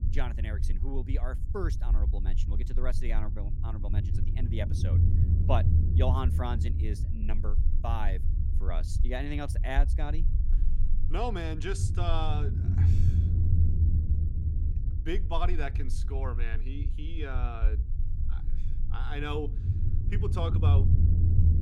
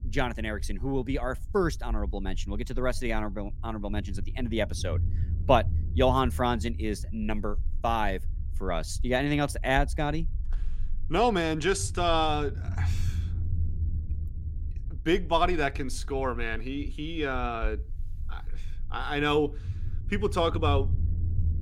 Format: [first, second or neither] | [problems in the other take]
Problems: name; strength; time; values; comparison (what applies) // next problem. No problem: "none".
second | low rumble; loud; throughout; 7 dB below the speech; faint in the second